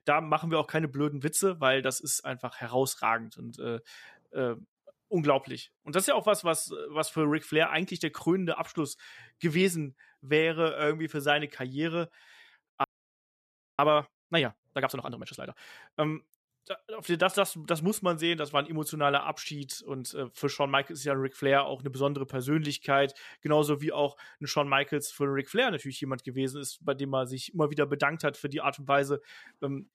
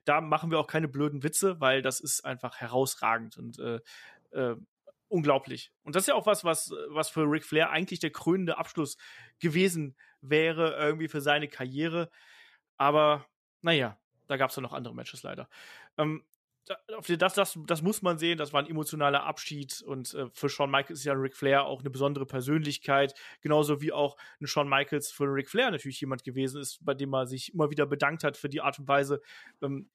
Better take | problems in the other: second | audio freezing; at 13 s for 1 s

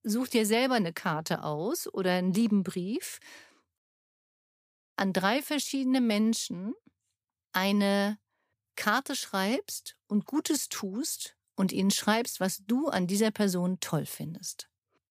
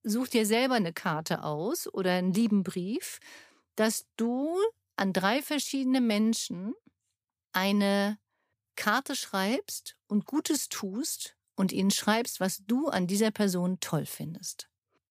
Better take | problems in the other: second | audio cutting out; at 4 s for 1 s

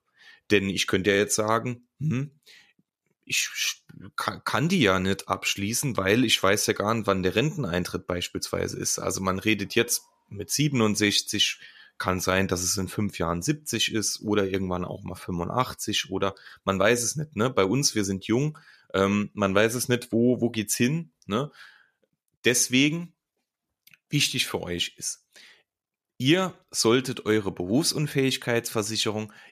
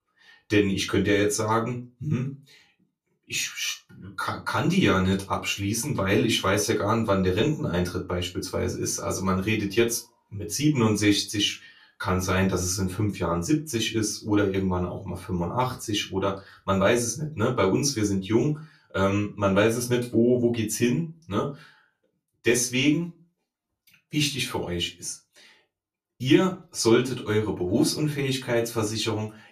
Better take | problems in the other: first | off-mic speech; far // room echo; very slight; dies away in 0.2 s

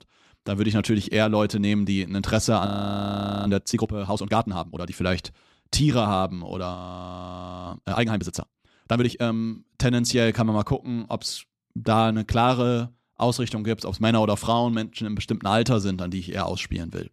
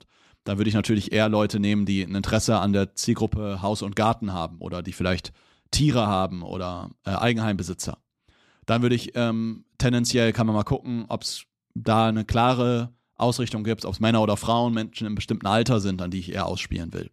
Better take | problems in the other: second | audio freezing; at 2.5 s for 1 s and at 7 s for 1 s

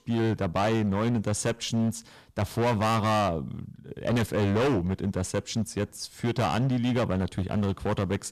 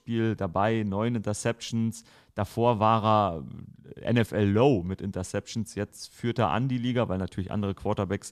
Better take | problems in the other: second | distortion; heavy; 16% of the sound clipped

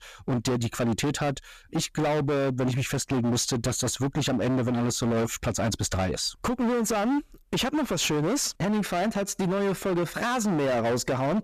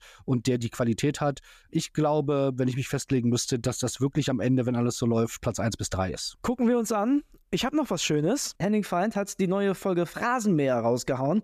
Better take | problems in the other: second | distortion; heavy; 27% of the sound clipped

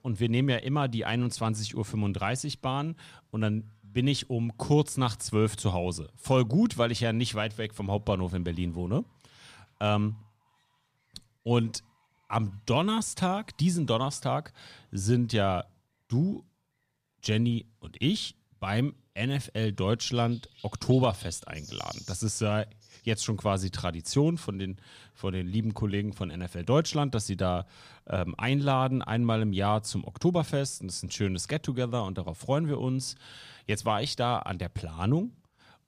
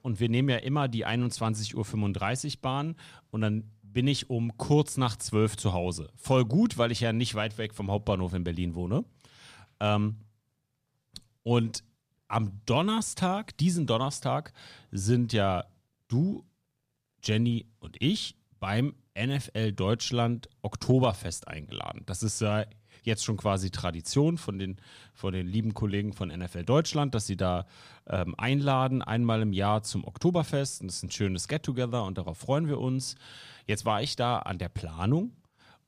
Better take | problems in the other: second | animal sounds; faint; throughout; 25 dB below the speech

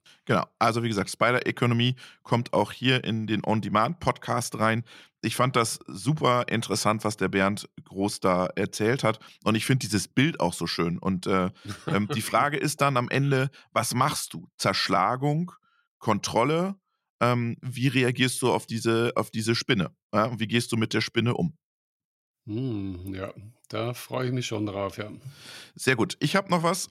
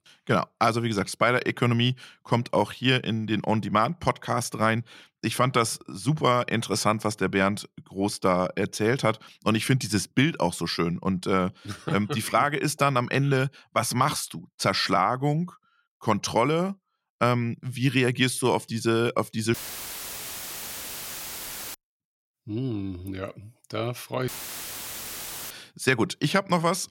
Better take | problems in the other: first | audio cutting out; filled with static; at 20 s for 2 s and at 24 s for 1 s

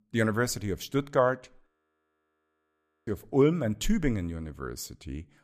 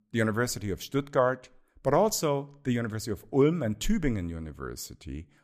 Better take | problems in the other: second | audio freezing; at 1.5 s for 1.5 s

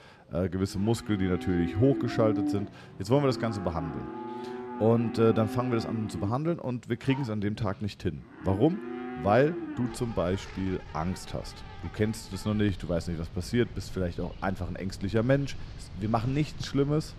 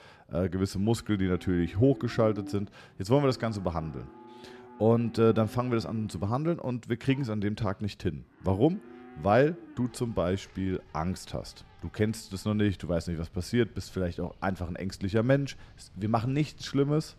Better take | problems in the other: second | animal sounds; loud; throughout; 10 dB below the speech; faint in the second

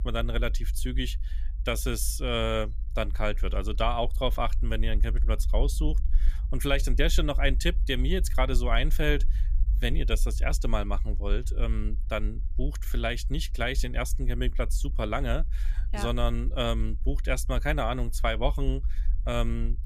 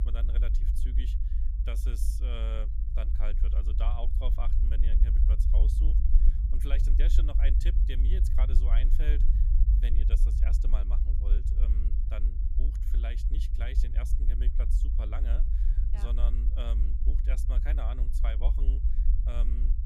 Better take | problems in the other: first | low rumble; loud; throughout; 4 dB below the speech; faint in the first

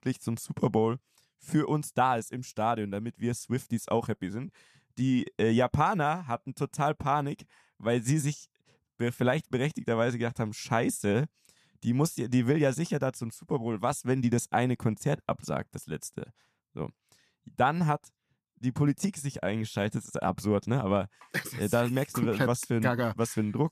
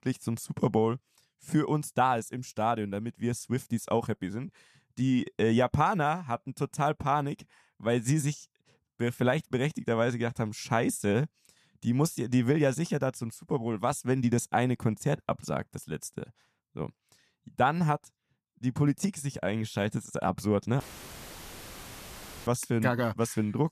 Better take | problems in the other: first | audio cutting out; filled with static; at 21 s for 1.5 s

